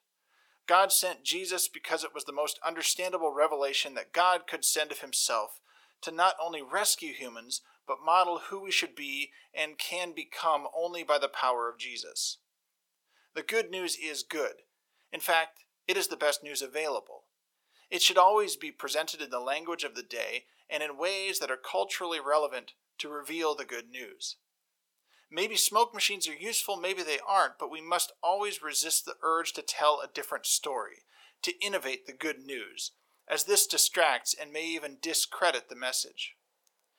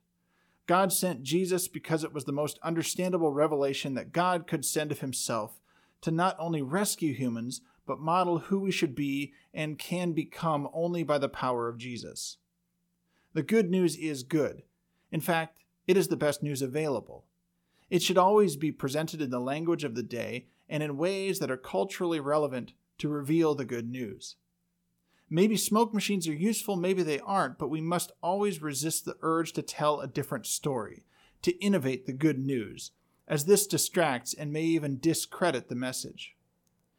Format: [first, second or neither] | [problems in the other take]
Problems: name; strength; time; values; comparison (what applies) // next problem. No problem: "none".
second | thin; very; fading below 600 Hz